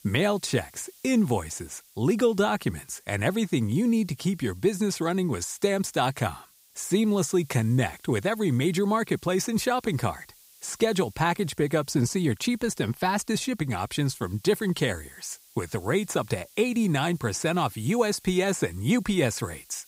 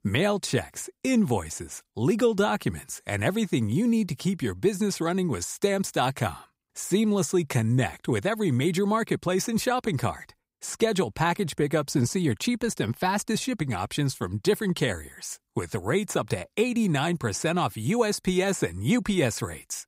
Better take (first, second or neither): second